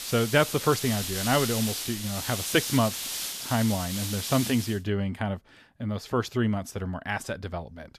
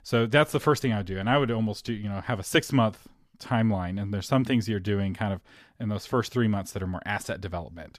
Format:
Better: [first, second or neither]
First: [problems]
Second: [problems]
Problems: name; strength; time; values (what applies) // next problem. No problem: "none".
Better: second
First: hiss; loud; until 4.5 s; 4 dB below the speech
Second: none